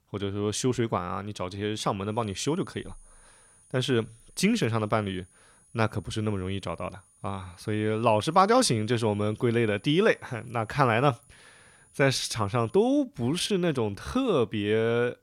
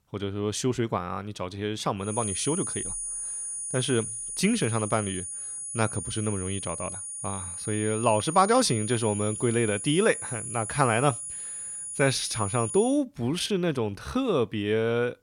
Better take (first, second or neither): first